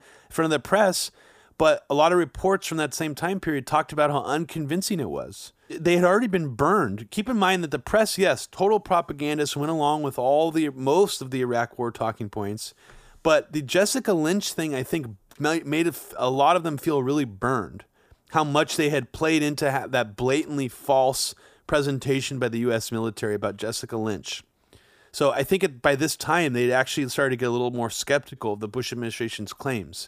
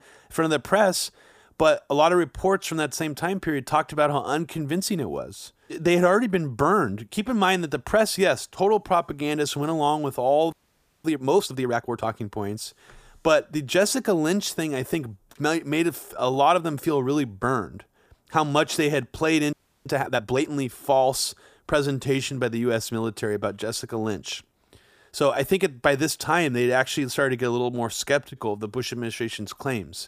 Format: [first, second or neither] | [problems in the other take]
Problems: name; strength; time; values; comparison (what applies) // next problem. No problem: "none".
first | audio freezing; at 11 s for 0.5 s and at 20 s